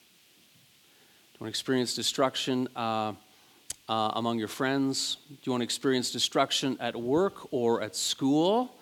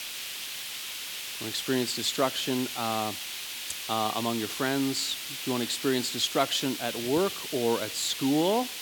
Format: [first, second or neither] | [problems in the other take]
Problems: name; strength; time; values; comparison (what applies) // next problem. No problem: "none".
first | hiss; loud; throughout; 5 dB below the speech; faint in the first